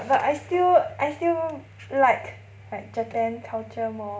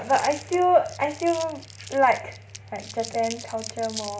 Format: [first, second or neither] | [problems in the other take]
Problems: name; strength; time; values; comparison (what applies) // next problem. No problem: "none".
first | background sound (Crumpling, crinkling); 16 dB below the speech